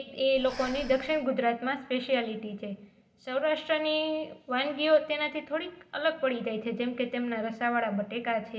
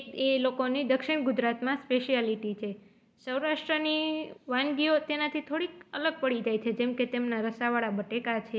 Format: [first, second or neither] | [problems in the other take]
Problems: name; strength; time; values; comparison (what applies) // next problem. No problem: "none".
second | background sound (Breathing); 17 dB below the speech // room echo; dies away in 0.7 s